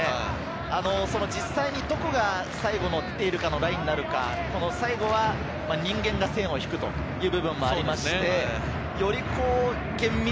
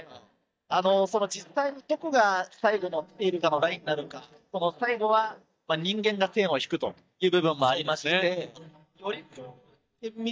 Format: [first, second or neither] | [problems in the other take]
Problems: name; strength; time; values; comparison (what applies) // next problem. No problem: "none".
first | noise reduction (neural mask model DeepFilterNet 3)